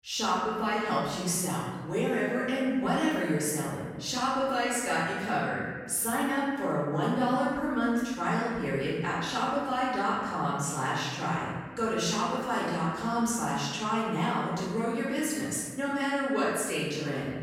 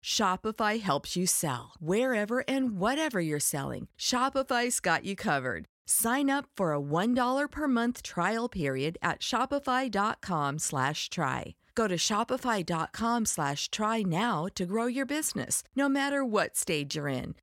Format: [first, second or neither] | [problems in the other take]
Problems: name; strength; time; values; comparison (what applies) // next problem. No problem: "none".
second | room echo; strong; dies away in 1.4 s // off-mic speech; far